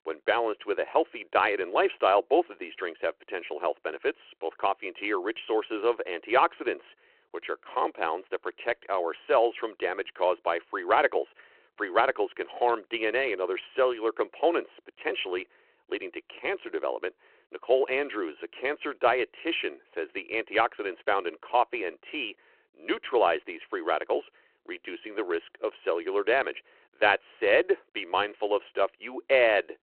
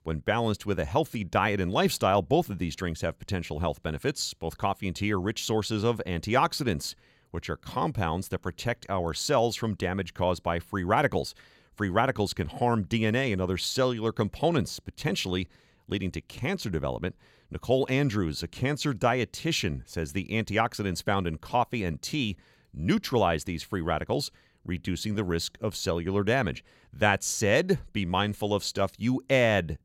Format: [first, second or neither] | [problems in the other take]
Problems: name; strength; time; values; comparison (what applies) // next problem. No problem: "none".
second | phone-call audio